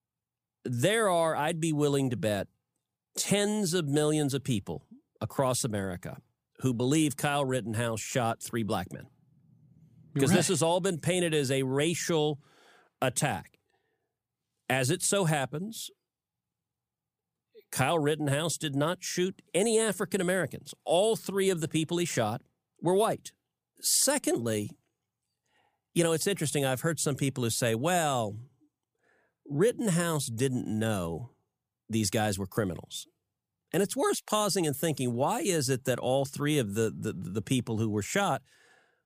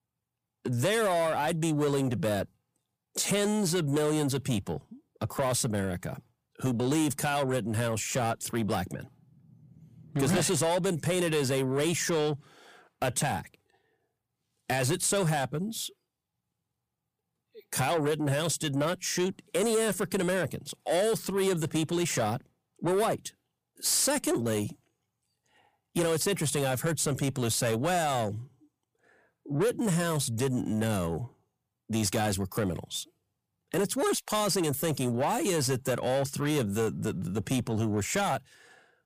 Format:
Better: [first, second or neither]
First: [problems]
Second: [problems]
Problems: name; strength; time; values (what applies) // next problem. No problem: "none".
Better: first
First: none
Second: distortion; slight; 10 dB below the speech